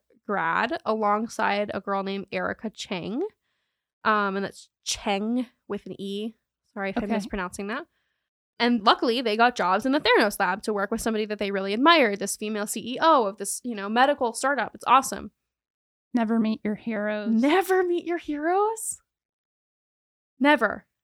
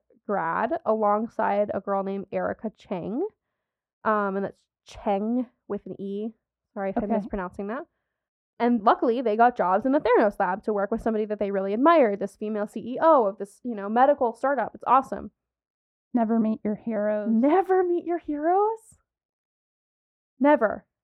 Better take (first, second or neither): first